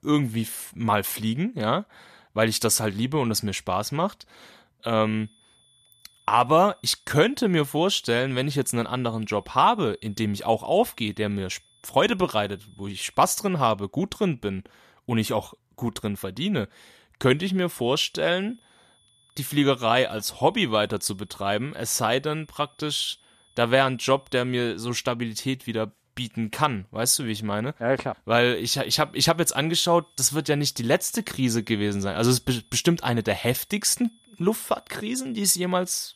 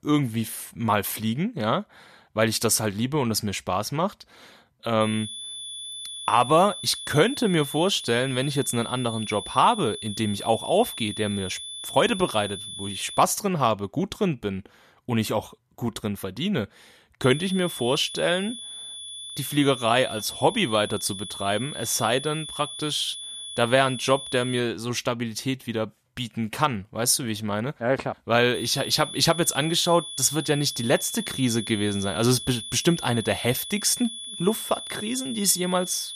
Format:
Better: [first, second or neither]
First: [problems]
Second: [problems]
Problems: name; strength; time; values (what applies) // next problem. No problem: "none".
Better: first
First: high-pitched whine; faint; from 5 to 13 s, from 17 to 25 s and from 29 s on; 3.5 kHz, 35 dB below the speech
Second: high-pitched whine; loud; from 5 to 13 s, from 17 to 25 s and from 29 s on; 3.5 kHz, 10 dB below the speech